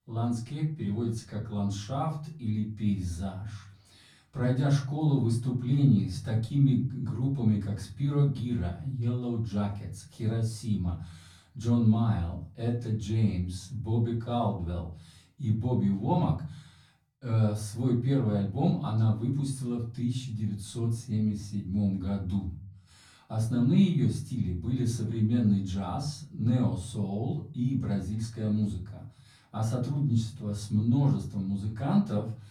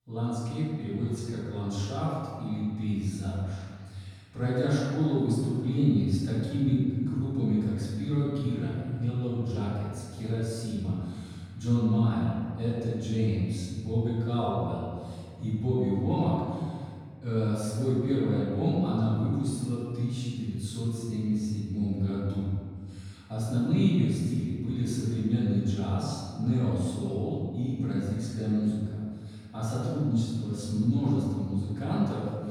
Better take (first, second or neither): first